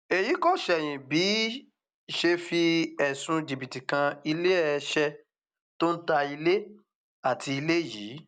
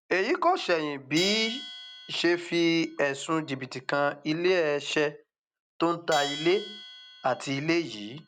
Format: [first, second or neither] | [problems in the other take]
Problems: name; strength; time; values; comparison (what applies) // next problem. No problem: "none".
first | background sound (Bell); 15 dB below the speech